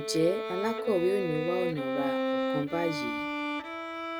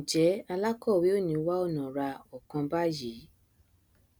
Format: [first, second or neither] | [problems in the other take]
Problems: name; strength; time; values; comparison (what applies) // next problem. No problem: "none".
second | background sound (Bowed string instrument); 1 dB below the speech